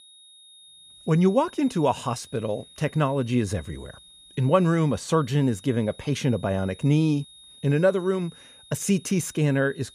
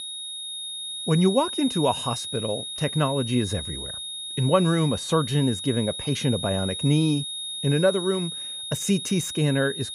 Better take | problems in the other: first | high-pitched whine; loud; throughout; 3.5 kHz, 6 dB below the speech; faint in the first

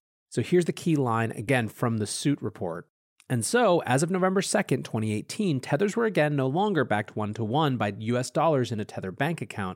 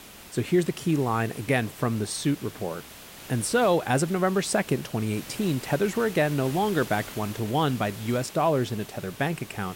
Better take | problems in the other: first | hiss; noticeable; throughout; 15 dB below the speech

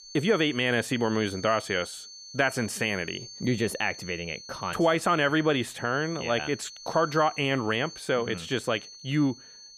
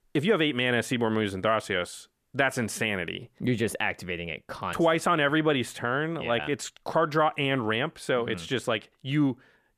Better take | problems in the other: second | high-pitched whine; noticeable; throughout; 4.5 kHz, 15 dB below the speech

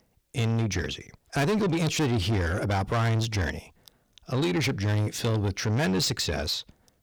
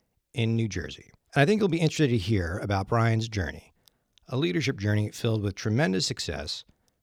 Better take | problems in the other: second | distortion; heavy; 7 dB below the speech

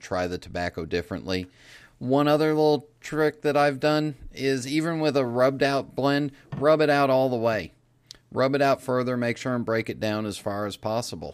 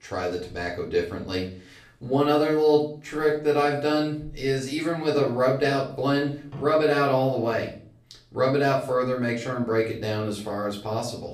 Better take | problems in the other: first | off-mic speech; far // room echo; slight; dies away in 0.4 s

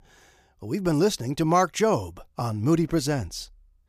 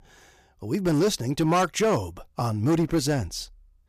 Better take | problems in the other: first | distortion; slight; 7% of the sound clipped

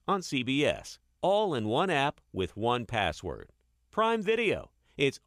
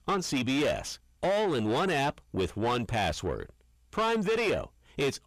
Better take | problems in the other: first | distortion; heavy; 6 dB below the speech

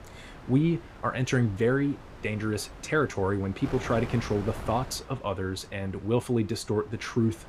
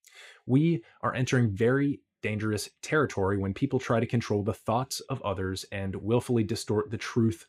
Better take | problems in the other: second | wind noise on the microphone; occasional gusts; 15 dB below the speech

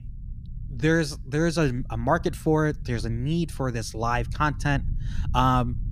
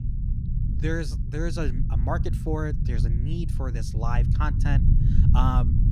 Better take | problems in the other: first | low rumble; loud; throughout; 6 dB below the speech; faint in the first

